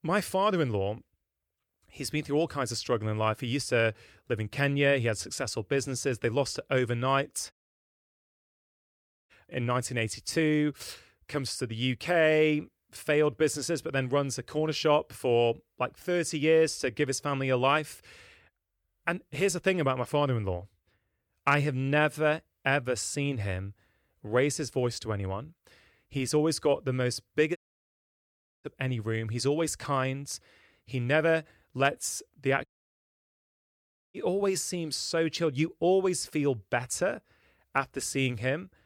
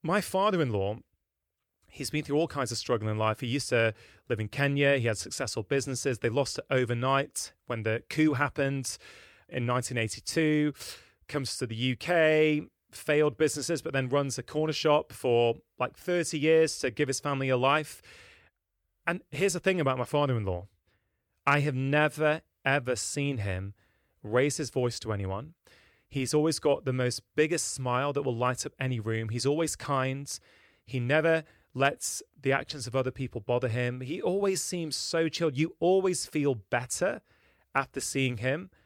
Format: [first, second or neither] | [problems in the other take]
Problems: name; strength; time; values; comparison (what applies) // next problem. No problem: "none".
second | audio cutting out; at 7.5 s for 2 s, at 28 s for 1 s and at 33 s for 1.5 s